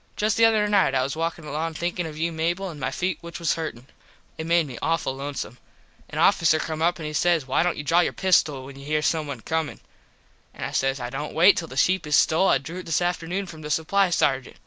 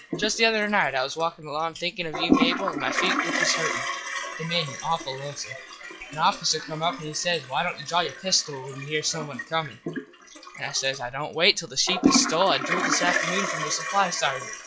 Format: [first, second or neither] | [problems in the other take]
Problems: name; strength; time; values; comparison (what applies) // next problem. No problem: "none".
first | noise reduction (classical method log-MMSE)